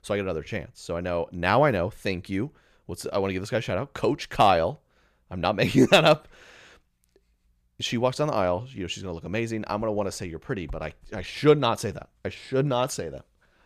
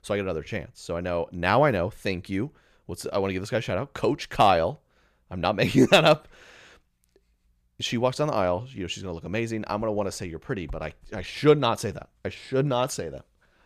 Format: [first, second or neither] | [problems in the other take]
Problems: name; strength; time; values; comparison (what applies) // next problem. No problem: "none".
neither | none